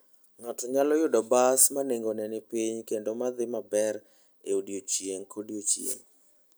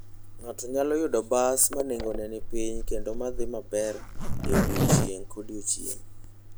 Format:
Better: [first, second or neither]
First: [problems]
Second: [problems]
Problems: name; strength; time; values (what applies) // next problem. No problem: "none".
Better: first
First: none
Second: background sound (Zipper (clothing)); as loud as the speech